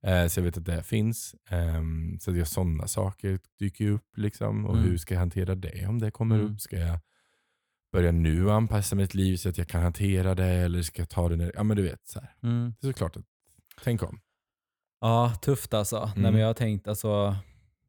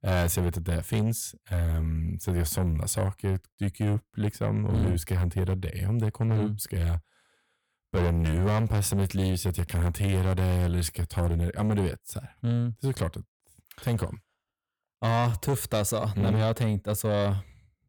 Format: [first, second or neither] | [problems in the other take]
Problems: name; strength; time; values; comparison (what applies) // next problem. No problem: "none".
first | distortion; slight; 10 dB below the speech